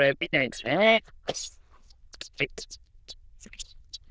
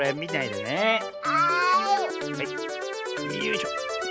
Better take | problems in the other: second | noise reduction (neural diffusion model UNIVERSE++)

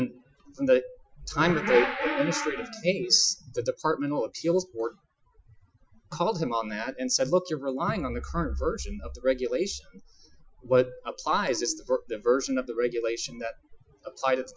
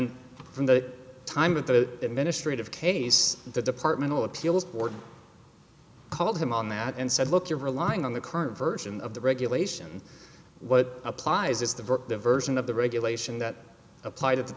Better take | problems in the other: second | noise reduction (classical method Wiener filter)

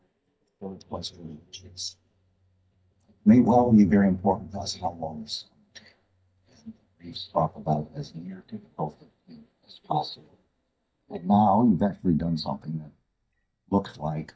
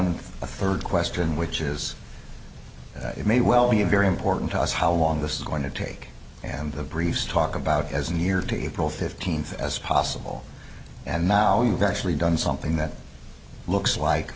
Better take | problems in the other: second | noise reduction (neural mask model DeepFilterNet 3)

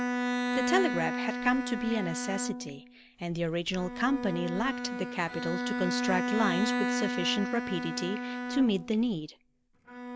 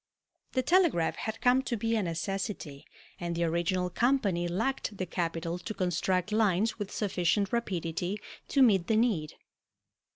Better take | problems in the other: second | background sound (Bowed string instrument); 2 dB below the speech

